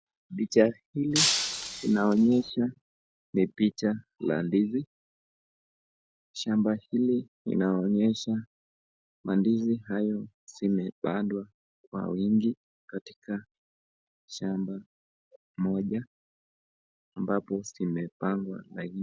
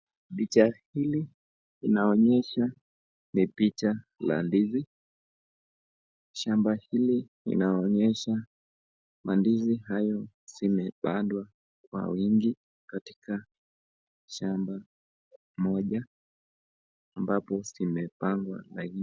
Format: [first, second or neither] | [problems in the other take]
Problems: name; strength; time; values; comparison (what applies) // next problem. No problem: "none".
second | background sound (Shatter); 1 dB below the speech